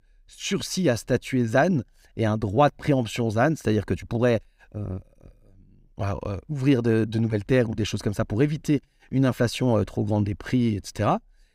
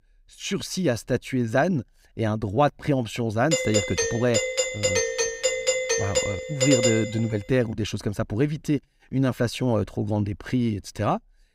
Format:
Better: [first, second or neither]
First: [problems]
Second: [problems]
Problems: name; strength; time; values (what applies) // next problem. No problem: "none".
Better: first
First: none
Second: doorbell; loud; from 3.5 to 7 s; peak 4 dB above the speech